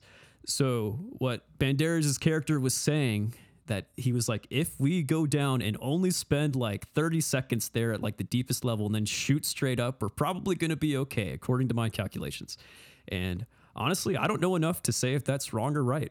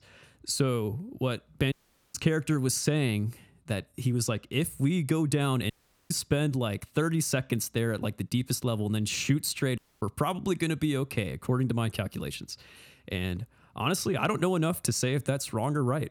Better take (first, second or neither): first